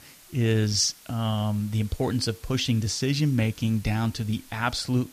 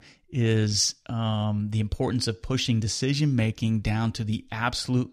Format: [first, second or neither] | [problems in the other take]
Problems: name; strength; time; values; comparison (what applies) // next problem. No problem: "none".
second | hiss; faint; throughout; 25 dB below the speech